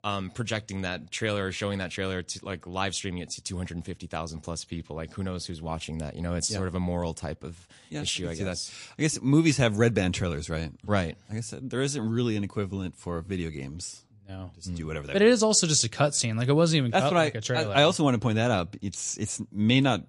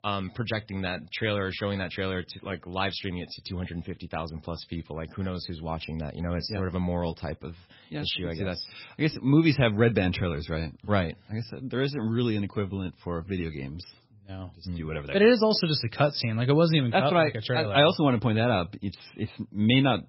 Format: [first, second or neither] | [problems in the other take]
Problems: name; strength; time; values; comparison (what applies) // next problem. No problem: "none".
first | garbled, watery; badly; nothing above 5.5 kHz; slightly in the first